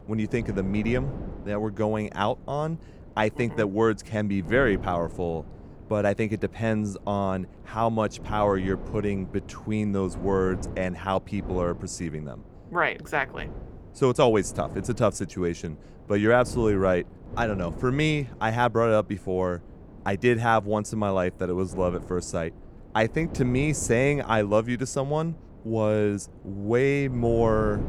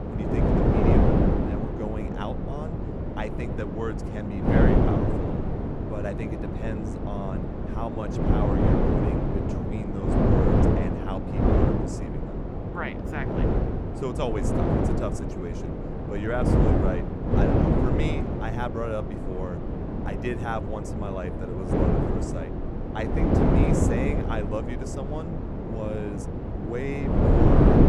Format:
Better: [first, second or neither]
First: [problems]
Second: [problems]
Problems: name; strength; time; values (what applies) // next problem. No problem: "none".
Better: first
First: wind noise on the microphone; occasional gusts; 20 dB below the speech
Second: wind noise on the microphone; heavy; 4 dB above the speech